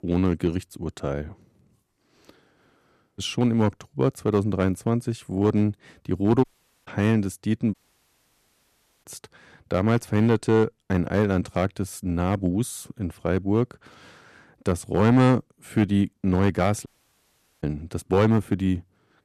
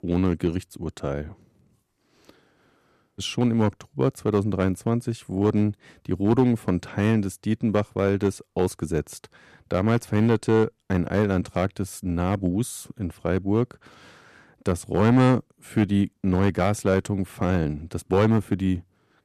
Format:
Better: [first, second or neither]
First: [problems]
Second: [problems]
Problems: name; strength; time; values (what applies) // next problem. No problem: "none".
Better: second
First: audio cutting out; at 6.5 s, at 7.5 s for 1.5 s and at 17 s for 1 s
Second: none